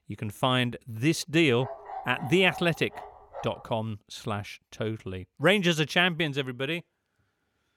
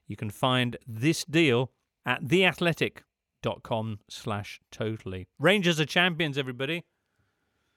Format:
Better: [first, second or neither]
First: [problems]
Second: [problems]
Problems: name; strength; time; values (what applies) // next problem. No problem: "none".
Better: second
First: dog barking; faint; from 1.5 to 3.5 s; peak 10 dB below the speech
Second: none